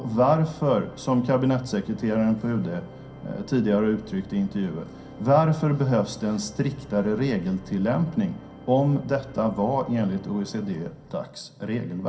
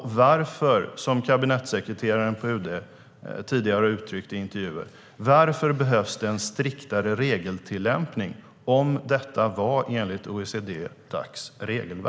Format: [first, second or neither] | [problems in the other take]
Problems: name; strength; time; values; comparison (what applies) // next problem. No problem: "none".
second | background sound (Organ); 19 dB below the speech // room echo; dies away in 0.3 s